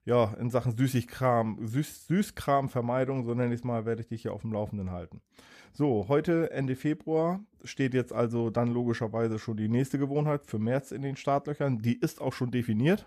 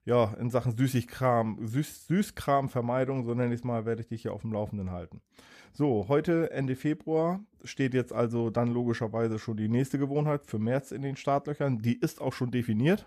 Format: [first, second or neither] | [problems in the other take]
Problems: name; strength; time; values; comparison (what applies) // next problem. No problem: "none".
neither | none